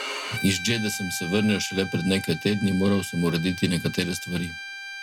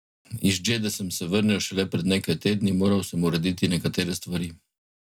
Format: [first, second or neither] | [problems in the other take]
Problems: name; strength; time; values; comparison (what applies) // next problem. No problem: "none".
second | background sound (Bowed string instrument); 10 dB below the speech